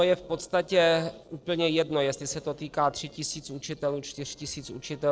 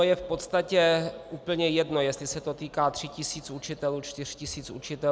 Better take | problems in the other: second | noise reduction (neural separator model SepFormer DNS4)

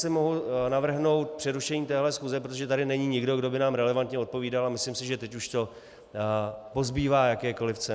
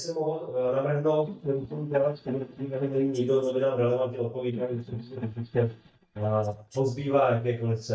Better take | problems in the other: first | noise reduction (neural mask model DeepFilterNet 3)

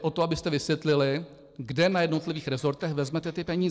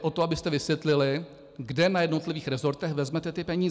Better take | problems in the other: second | noise reduction (neural separator model SepFormer DNS4)

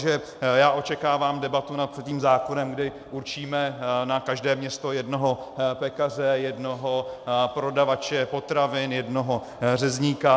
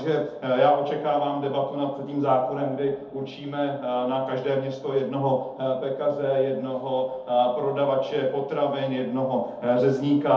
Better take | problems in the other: first | room echo; dies away in 0.6 s

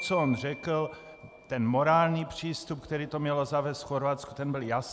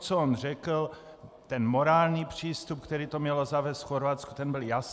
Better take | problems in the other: second | background sound (Marimba, xylophone); 19 dB below the speech

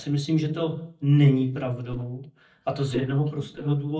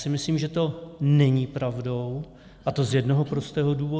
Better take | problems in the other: second | noise reduction (neural mask model DeepFilterNet 3)

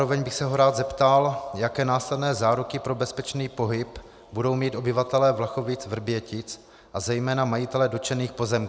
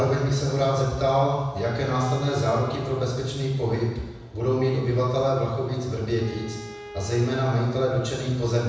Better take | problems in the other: first | background sound (Bowed string instrument); 18 dB below the speech // room echo; dies away in 1.1 s

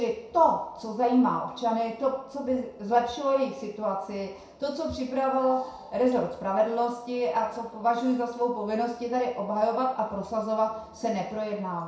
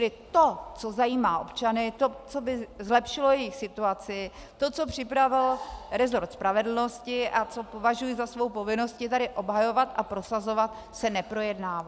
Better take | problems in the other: second | room echo; dies away in 0.6 s

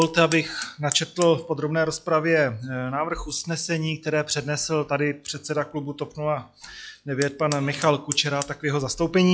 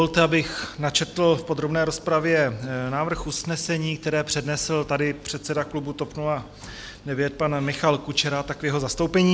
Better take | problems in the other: second | noise reduction (classical method log-MMSE)

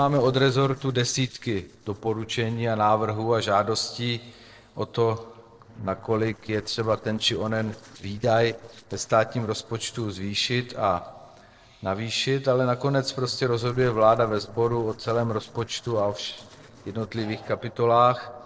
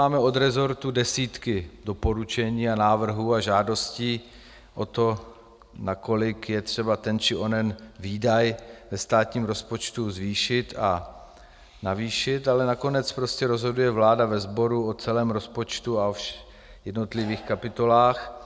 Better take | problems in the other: second | noise reduction (neural separator model SepFormer DNS4)

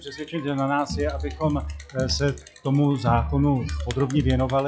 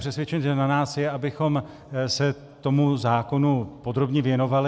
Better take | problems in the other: second | noise reduction (classical method log-MMSE)

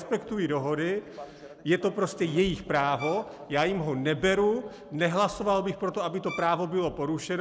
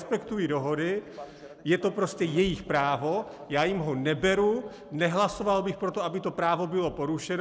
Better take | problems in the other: second | background sound (Bowed string instrument); 16 dB below the speech

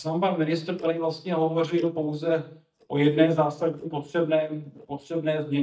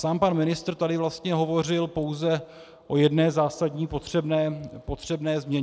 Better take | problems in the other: second | noise reduction (neural mask model DeepFilterNet 3)

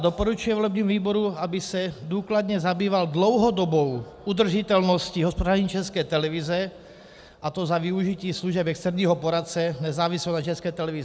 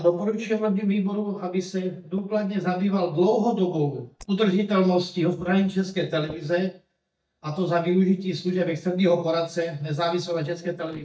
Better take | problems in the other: first | noise reduction (neural mask model DeepFilterNet 3)

